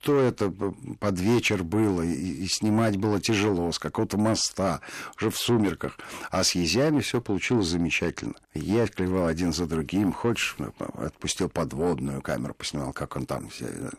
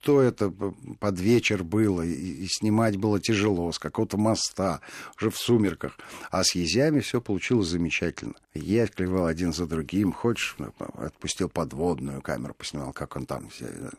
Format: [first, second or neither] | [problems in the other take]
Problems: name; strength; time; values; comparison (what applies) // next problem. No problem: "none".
second | distortion; slight; 10 dB below the speech